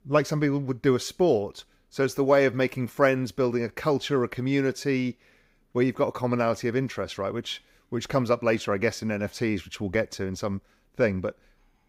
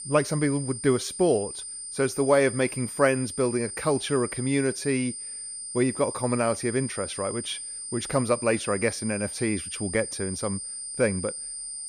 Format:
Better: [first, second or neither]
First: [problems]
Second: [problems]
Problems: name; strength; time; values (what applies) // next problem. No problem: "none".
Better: first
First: none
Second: high-pitched whine; loud; throughout; 9 kHz, 7 dB below the speech